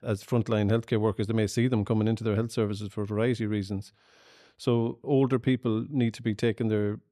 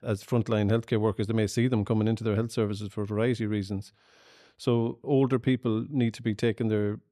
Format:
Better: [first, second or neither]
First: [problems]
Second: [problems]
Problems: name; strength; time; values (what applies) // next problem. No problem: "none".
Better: neither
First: none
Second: none